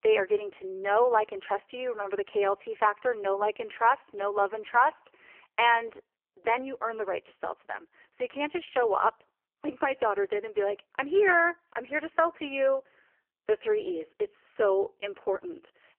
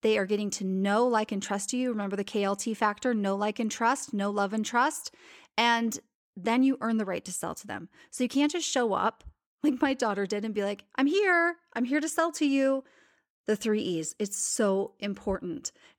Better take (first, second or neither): second